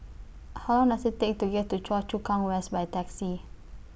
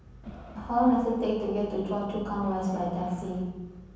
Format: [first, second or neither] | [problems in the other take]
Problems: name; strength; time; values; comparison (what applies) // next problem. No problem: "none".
first | background sound (Crowd); 15 dB below the speech // room echo; dies away in 1.1 s